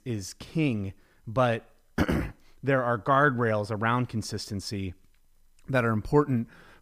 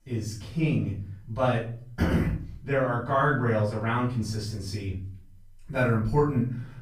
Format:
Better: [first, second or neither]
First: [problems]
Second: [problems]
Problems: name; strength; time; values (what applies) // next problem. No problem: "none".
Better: first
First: none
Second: off-mic speech; far // room echo; noticeable; dies away in 0.5 s